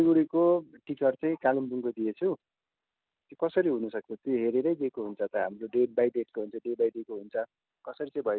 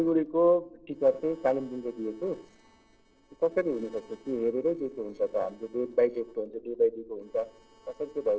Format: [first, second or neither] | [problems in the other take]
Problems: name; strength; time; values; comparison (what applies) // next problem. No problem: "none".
first | noise reduction (neural separator model SepFormer DNS4)